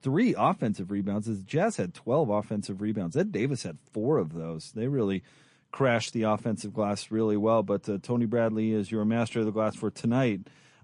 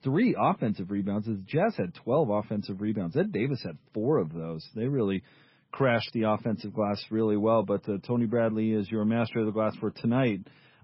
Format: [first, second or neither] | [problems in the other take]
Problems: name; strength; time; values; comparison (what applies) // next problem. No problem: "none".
first | garbled, watery; badly; nothing above 5.5 kHz; slightly in the first